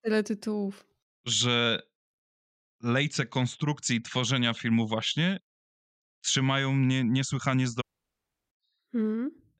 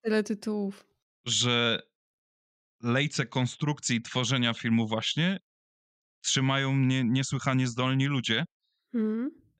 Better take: second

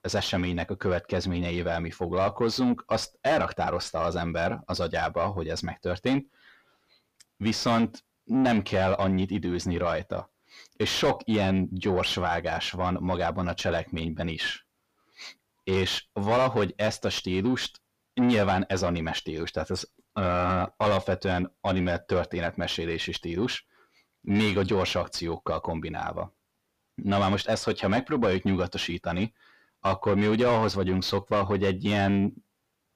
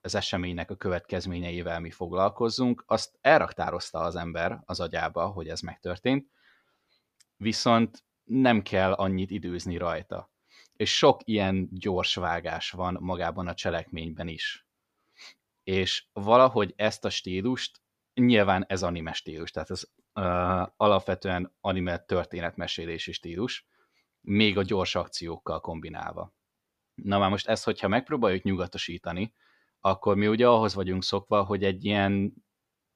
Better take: second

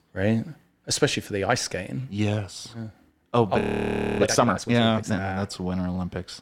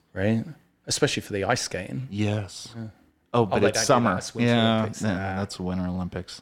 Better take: second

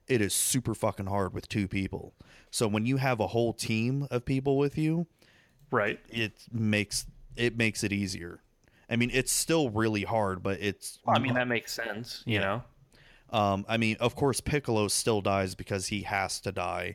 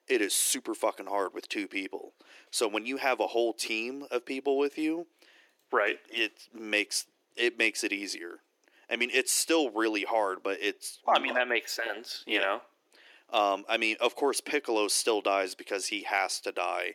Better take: first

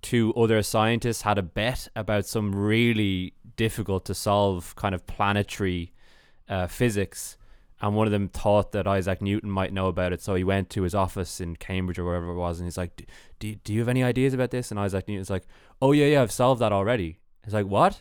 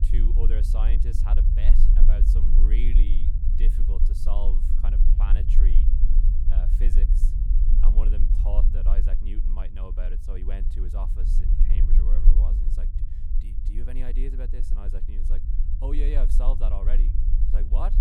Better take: first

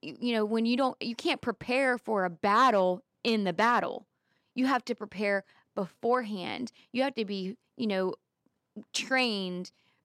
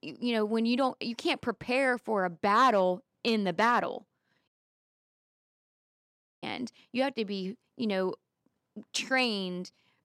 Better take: first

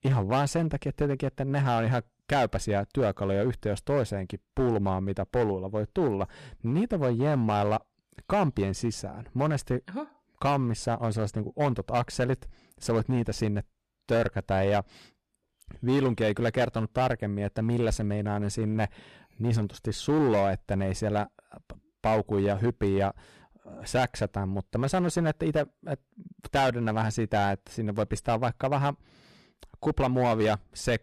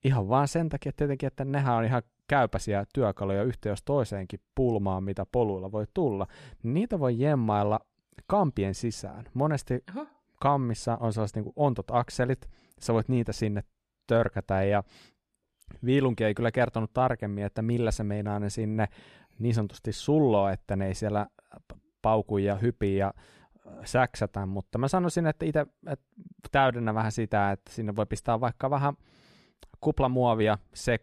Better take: second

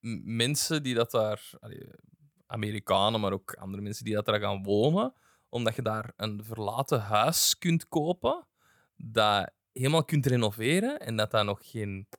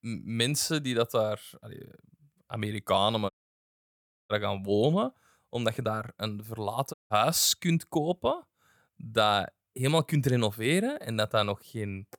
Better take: first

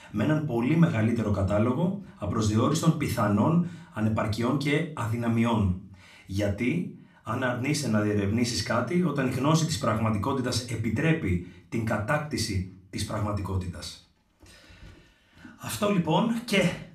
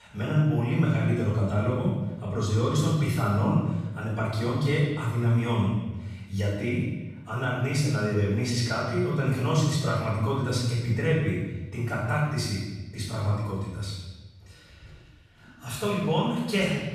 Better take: first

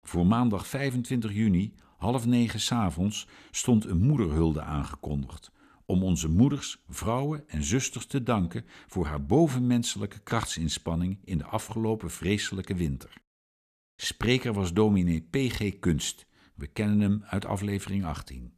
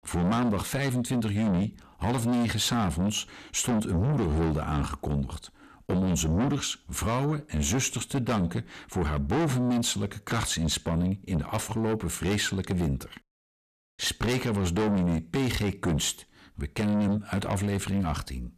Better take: first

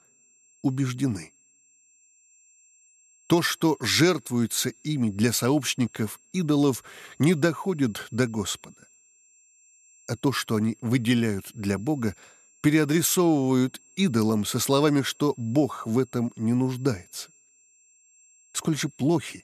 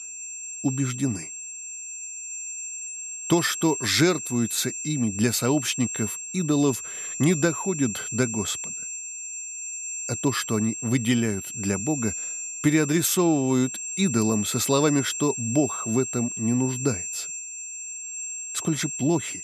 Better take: first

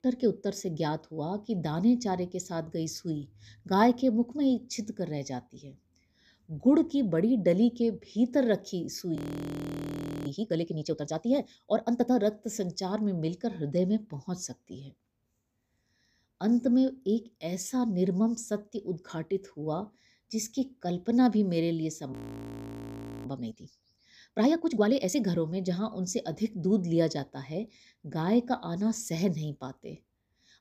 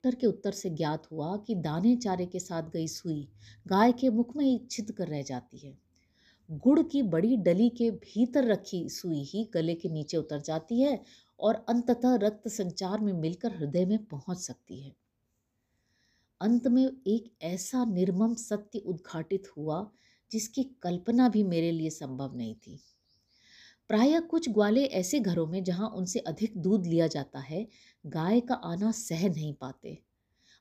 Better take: second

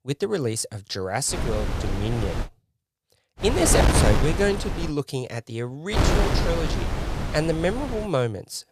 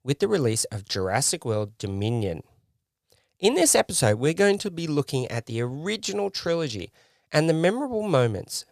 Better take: second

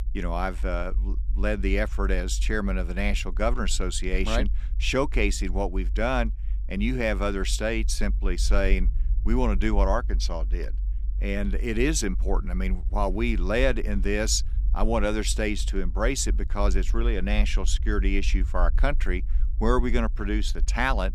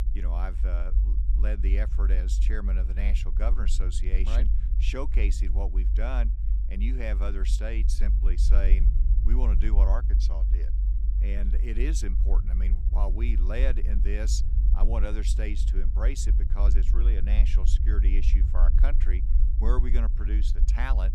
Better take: first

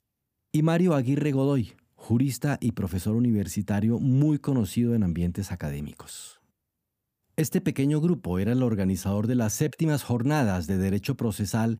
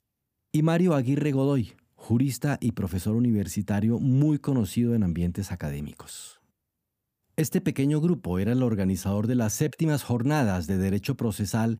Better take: neither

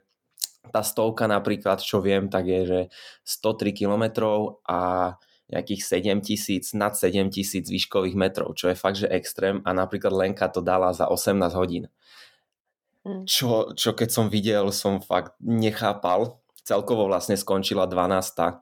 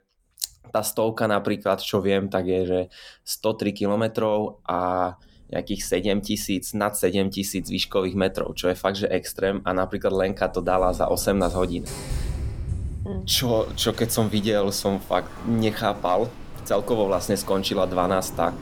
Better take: first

